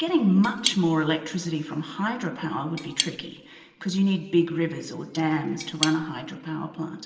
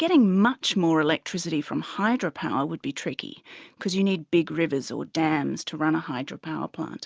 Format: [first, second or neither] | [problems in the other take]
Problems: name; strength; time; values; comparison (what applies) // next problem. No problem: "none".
second | background sound (Cutlery, silverware / Tap); 8 dB below the speech // room echo; dies away in 1.2 s